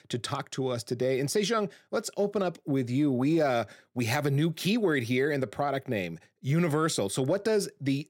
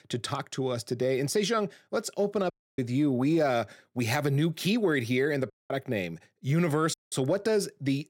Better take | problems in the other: first | audio cutting out; at 2.5 s, at 5.5 s and at 7 s

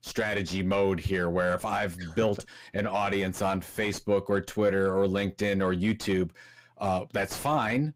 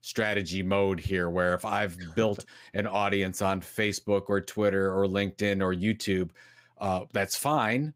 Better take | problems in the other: second | distortion; slight; 10 dB below the speech

